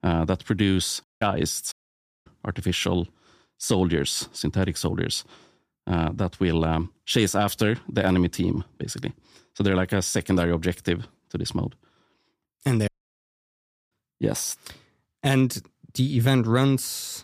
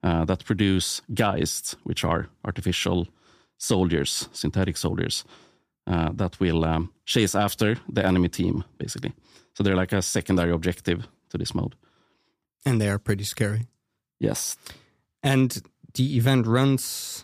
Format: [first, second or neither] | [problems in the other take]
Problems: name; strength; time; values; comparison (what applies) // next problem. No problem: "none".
second | audio cutting out; at 1 s, at 1.5 s for 0.5 s and at 13 s for 1 s